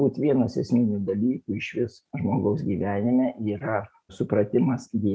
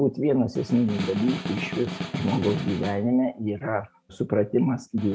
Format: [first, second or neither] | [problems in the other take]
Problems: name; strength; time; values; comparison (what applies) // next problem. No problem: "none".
first | background sound (Snare drum); 10 dB below the speech